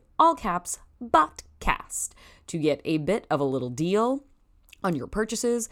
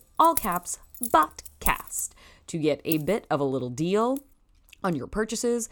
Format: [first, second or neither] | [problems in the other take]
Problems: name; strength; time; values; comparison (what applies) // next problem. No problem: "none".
first | household noises; loud; throughout; 6 dB below the speech